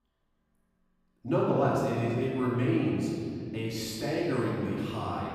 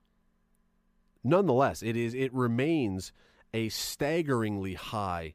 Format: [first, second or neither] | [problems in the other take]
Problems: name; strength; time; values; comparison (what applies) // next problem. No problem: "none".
second | off-mic speech; far // room echo; strong; dies away in 2.5 s